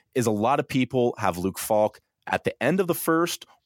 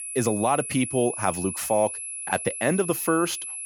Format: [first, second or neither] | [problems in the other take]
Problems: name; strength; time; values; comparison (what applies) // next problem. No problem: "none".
first | high-pitched whine; loud; throughout; 11 kHz, 6 dB below the speech